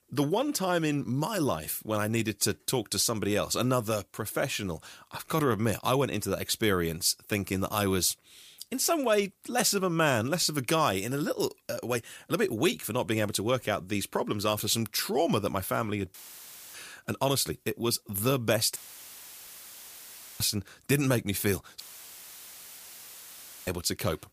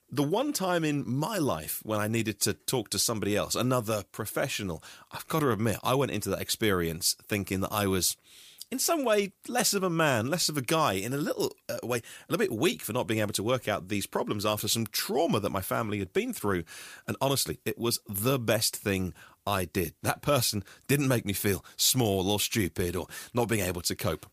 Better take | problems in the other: second | audio cutting out; filled with static; at 16 s for 0.5 s, at 19 s for 1.5 s and at 22 s for 2 s

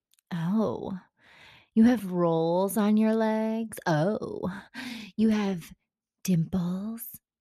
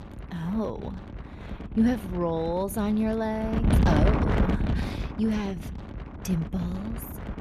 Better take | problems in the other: first | wind noise on the microphone; heavy; 4 dB below the speech

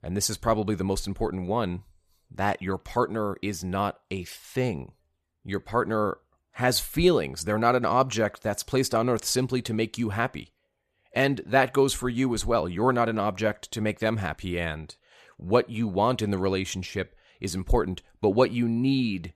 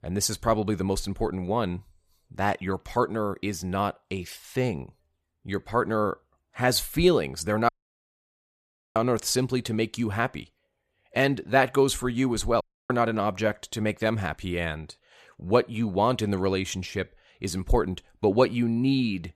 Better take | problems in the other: first | audio cutting out; at 7.5 s for 1.5 s and at 13 s

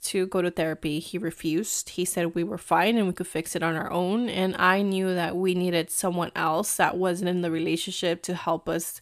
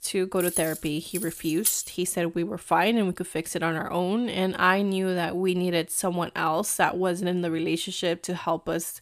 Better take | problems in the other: first | jangling keys; loud; until 2 s; peak level with the speech

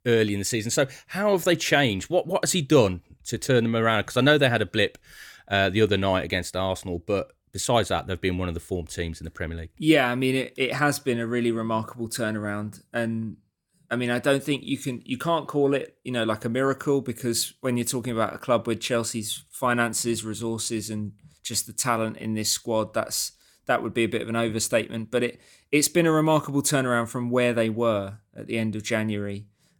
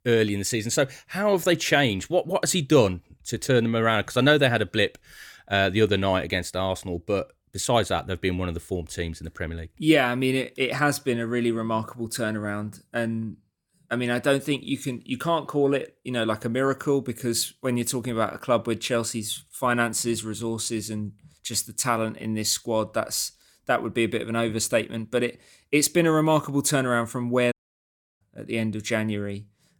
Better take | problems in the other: first | audio cutting out; at 28 s for 0.5 s

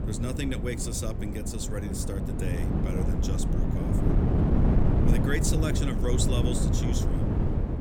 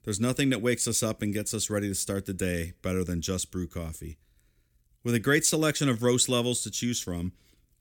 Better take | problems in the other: second | wind noise on the microphone; heavy; as loud as the speech

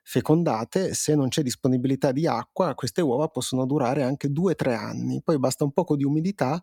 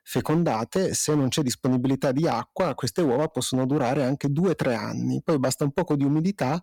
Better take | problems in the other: first | distortion; slight; 7% of the sound clipped

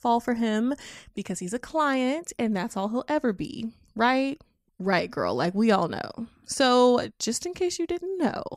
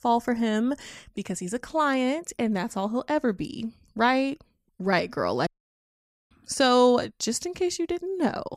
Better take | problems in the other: first | audio cutting out; at 5.5 s for 1 s

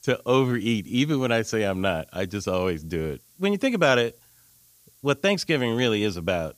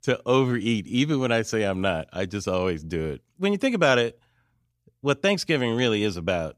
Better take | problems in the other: second | hiss; faint; throughout; 30 dB below the speech

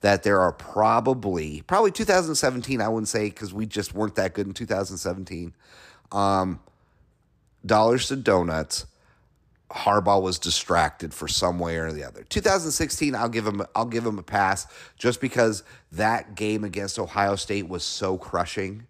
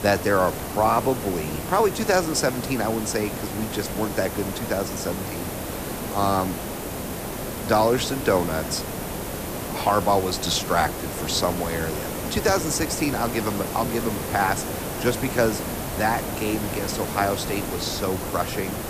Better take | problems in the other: first | hiss; loud; throughout; 5 dB below the speech

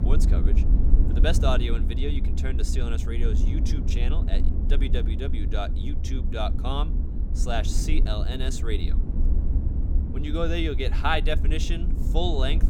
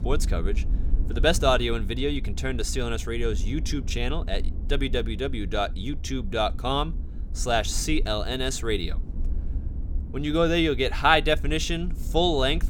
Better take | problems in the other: second | low rumble; loud; throughout; 9 dB below the speech; faint in the second

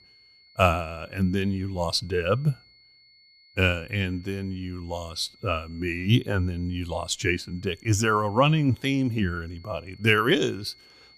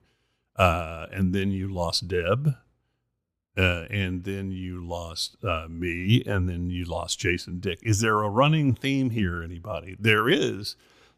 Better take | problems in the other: second | high-pitched whine; faint; throughout; 4.5 kHz, 25 dB below the speech

